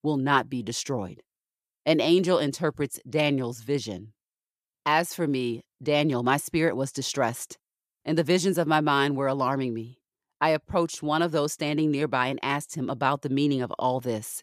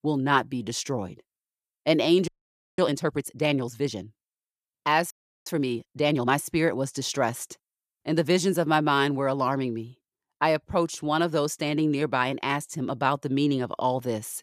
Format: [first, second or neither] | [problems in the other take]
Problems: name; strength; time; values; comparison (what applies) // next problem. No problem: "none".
first | audio freezing; at 2.5 s for 0.5 s and at 5 s